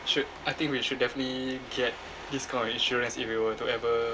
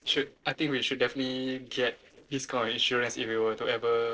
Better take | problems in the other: first | noise reduction (neural separator model SepFormer DNS4)

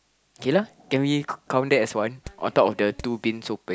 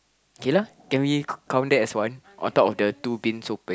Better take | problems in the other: second | background sound (Hammer); 18 dB below the speech

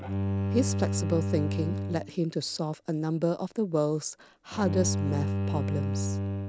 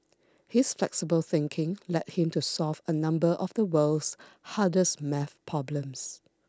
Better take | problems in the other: second | background sound (Bowed string instrument); as loud as the speech

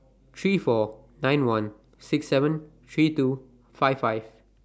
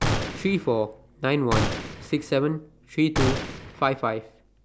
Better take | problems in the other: first | background sound (Gunshot, gunfire); 4 dB below the speech

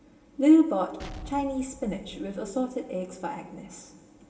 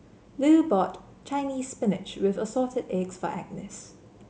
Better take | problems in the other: second | background sound (Explosion); 17 dB below the speech // room echo; dies away in 1.7 s

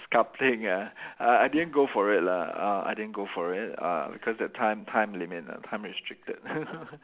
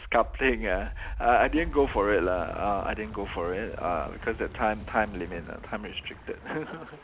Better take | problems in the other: first | background sound (Wind); 10 dB below the speech

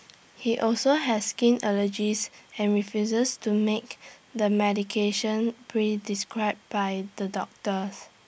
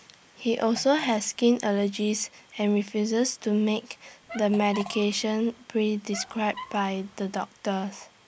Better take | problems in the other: first | background sound (Squeak + Fart); 17 dB below the speech

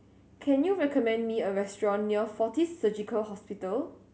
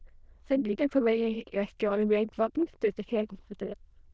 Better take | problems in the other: first | noise reduction (neural diffusion model UNIVERSE++)

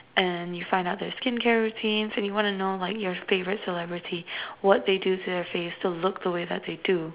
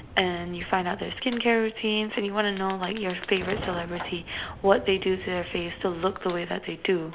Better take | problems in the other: first | background sound (Fire); 15 dB below the speech

